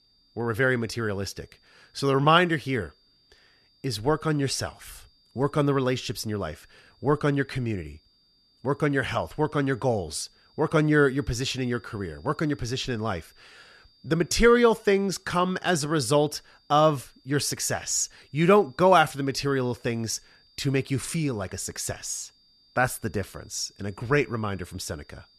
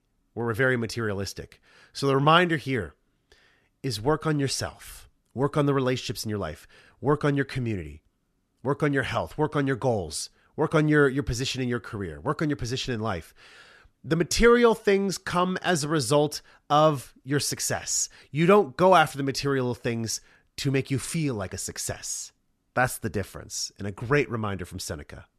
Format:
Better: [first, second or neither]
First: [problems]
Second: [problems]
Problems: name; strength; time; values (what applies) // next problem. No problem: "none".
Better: second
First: high-pitched whine; faint; throughout; 4.5 kHz, 35 dB below the speech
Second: none